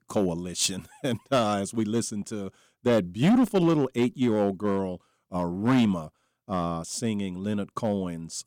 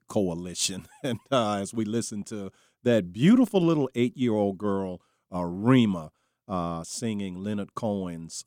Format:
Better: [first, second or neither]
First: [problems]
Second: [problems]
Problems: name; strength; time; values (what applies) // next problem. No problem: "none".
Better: second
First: distortion; slight; 4% of the sound clipped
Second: none